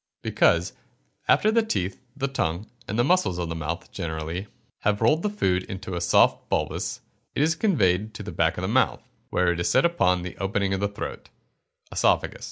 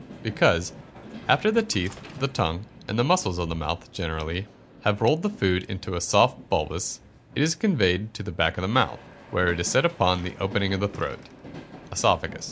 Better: first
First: none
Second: background sound (Train); 18 dB below the speech

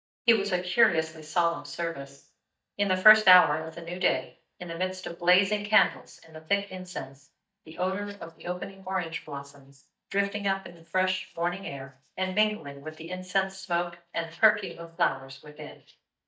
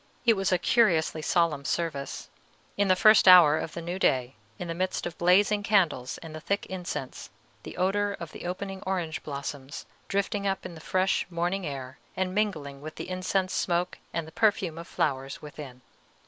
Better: second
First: noise reduction (neural mask model DeepFilterNet 3)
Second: none

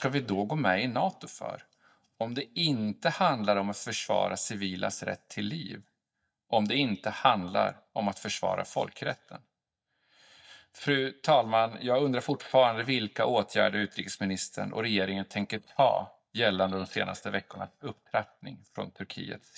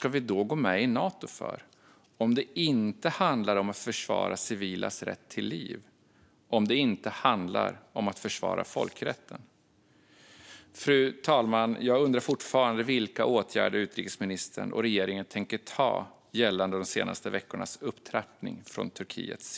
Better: second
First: noise reduction (neural mask model DeepFilterNet 3)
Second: none

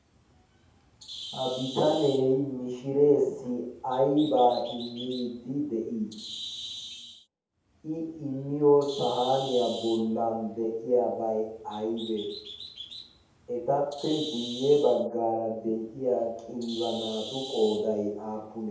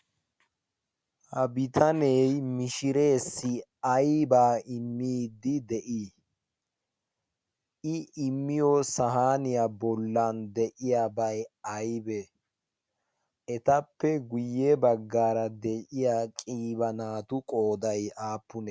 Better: second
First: background sound (Bird); 16 dB below the speech // room echo; dies away in 0.7 s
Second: none

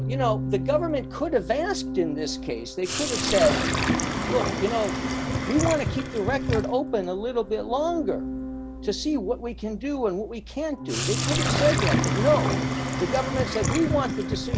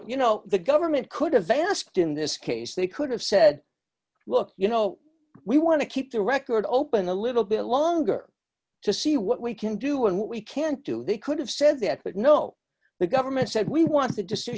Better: second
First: background sound (Organ + Sink (filling or washing)); 1 dB below the speech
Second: none

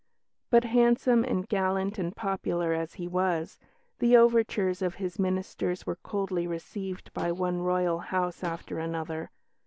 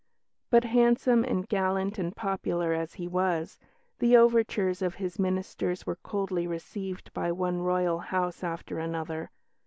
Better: second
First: background sound (Fart); 20 dB below the speech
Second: none

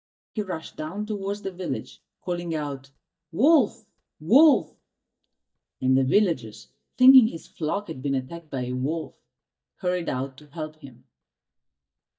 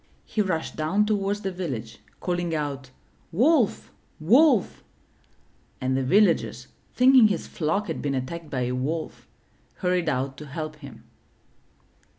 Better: second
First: noise reduction (neural mask model DeepFilterNet 3)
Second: none

